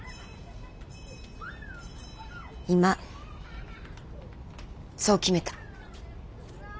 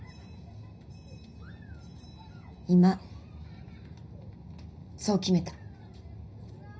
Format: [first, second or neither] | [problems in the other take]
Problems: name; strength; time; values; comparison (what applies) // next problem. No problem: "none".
first | room echo; dies away in 0.5 s